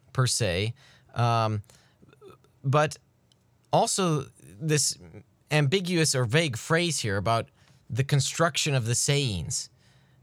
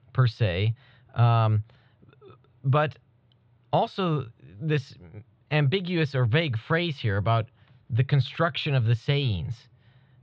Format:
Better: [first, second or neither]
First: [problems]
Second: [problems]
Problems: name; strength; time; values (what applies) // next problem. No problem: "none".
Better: first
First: none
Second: muffled; very; fading above 3.5 kHz